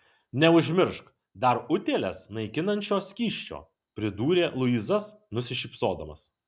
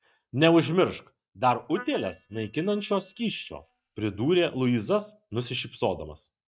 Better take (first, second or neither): first